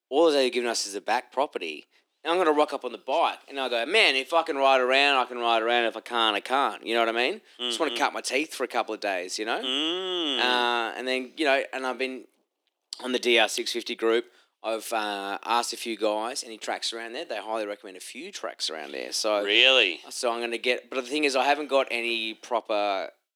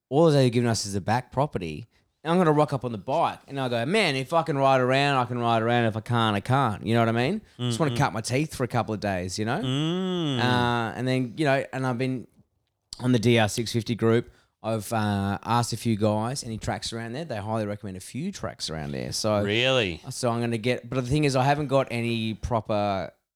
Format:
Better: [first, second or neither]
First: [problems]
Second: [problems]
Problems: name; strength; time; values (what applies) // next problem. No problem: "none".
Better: second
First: thin; somewhat; fading below 300 Hz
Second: none